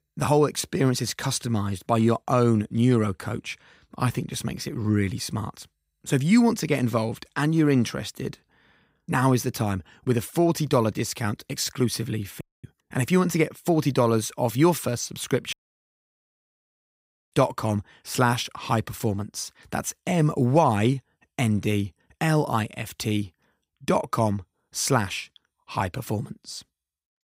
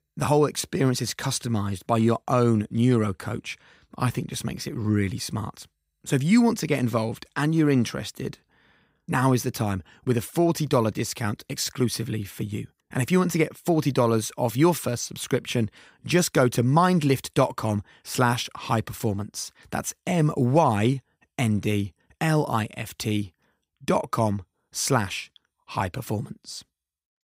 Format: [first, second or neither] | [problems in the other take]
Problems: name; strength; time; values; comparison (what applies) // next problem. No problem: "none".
second | audio cutting out; at 12 s and at 16 s for 2 s